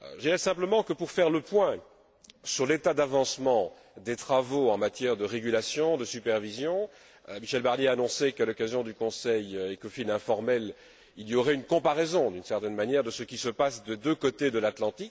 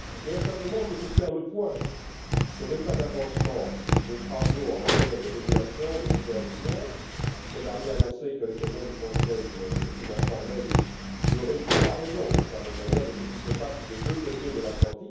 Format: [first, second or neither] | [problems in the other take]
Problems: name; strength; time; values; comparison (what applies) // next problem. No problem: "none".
first | background sound (Tap); 5 dB above the speech // room echo; dies away in 0.9 s